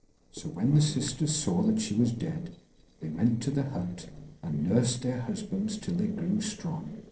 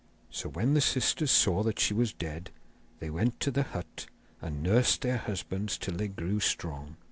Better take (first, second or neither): second